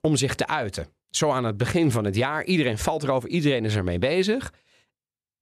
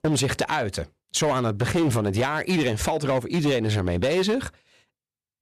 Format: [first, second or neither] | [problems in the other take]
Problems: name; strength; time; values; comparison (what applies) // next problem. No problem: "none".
first | distortion; slight; 11% of the sound clipped